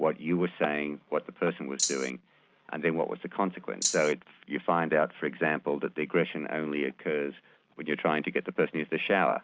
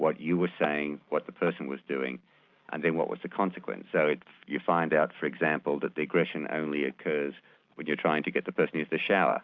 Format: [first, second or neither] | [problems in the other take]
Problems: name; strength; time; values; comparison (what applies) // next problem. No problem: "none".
second | background sound (Rattle (instrument)); as loud as the speech